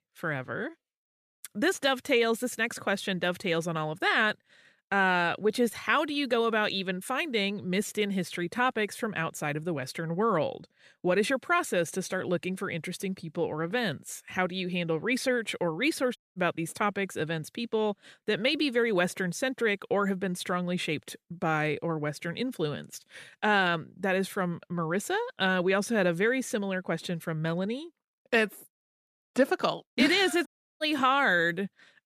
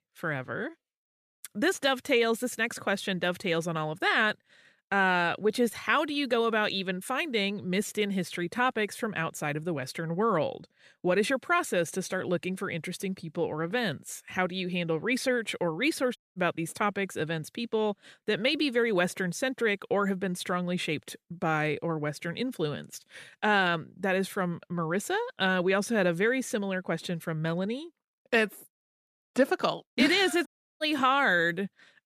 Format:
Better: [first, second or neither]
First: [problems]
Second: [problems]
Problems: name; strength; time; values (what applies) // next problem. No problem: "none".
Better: neither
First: audio cutting out; at 16 s and at 30 s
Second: audio cutting out; at 16 s and at 30 s